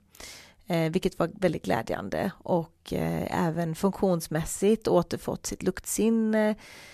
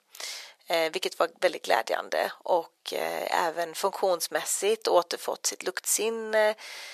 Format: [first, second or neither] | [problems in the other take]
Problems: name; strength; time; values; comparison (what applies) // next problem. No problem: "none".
first | thin; very; fading below 550 Hz